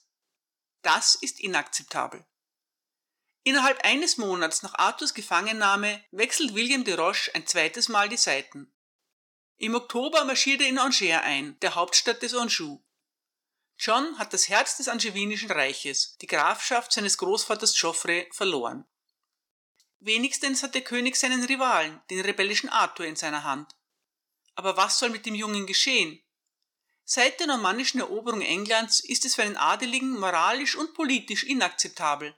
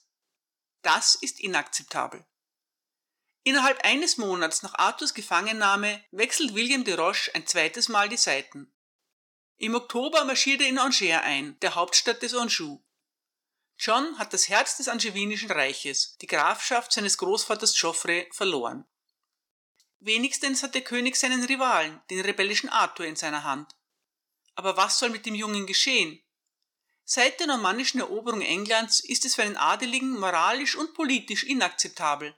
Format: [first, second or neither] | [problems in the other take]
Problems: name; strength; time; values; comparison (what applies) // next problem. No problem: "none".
neither | thin; very slightly; fading below 350 Hz; the same in both